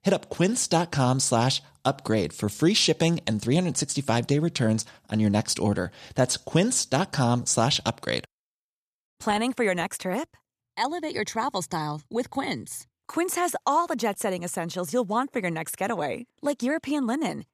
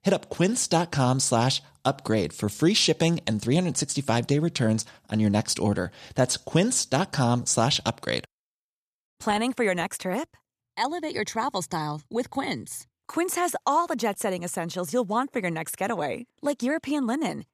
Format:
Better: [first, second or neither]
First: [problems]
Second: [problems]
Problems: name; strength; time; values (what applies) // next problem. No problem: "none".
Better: neither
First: none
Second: none